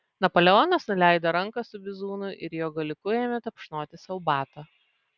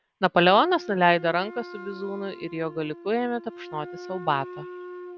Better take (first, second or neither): first